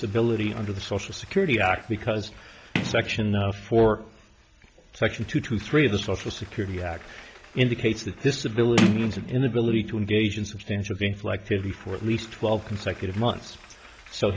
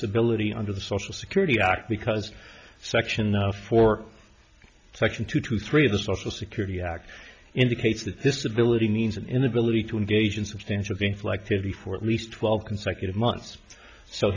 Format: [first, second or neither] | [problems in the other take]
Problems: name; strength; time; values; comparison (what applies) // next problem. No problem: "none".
second | background sound (Sliding door); 10 dB below the speech